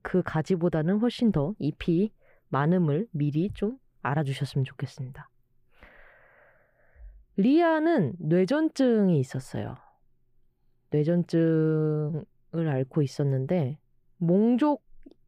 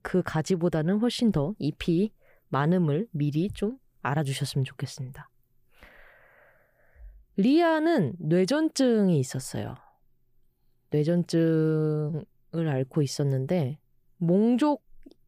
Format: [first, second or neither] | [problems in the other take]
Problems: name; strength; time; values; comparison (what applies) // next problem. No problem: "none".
second | muffled; slightly; fading above 3.5 kHz